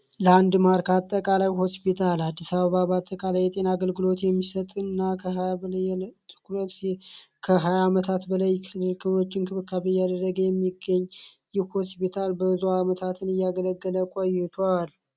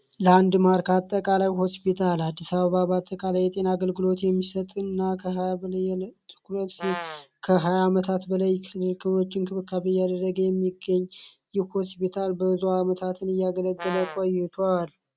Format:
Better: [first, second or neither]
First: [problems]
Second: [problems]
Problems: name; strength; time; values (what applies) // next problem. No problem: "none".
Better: first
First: none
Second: background sound (Brass instrument); 12 dB below the speech